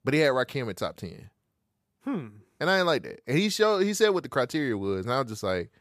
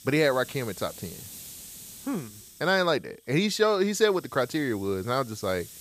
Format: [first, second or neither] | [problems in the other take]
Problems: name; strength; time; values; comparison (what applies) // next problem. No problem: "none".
first | hiss; noticeable; throughout; 15 dB below the speech